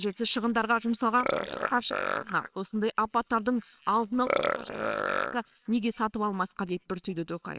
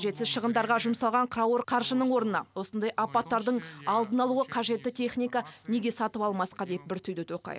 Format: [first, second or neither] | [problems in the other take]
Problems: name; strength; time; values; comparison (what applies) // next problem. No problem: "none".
second | noise reduction (neural separator model SepFormer WHAMR!)